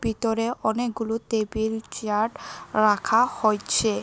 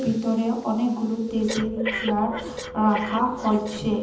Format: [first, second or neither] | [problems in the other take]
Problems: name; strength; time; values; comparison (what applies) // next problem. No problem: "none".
first | background sound (Breathing); 10 dB below the speech // room echo; dies away in 0.8 s